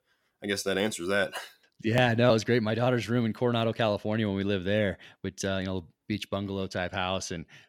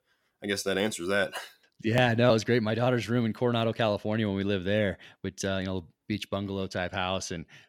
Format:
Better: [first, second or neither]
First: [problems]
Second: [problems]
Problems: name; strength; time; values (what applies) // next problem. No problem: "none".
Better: neither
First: none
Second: none